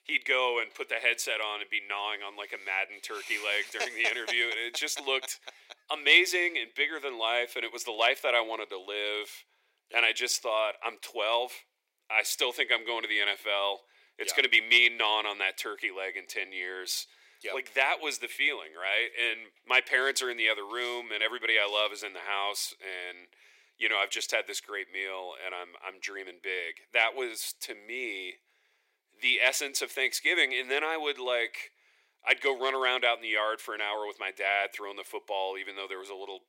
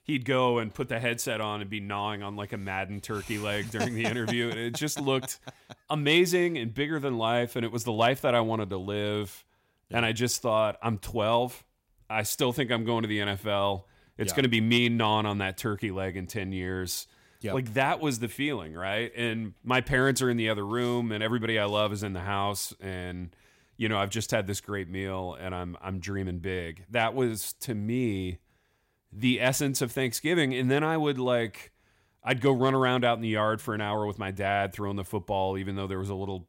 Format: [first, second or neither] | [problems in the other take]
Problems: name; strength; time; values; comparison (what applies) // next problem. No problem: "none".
second | thin; very; fading below 350 Hz